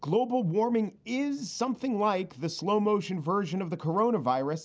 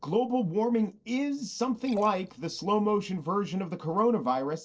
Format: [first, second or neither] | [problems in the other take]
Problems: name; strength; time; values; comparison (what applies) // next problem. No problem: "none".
first | noise reduction (neural separator model SepFormer DNS4)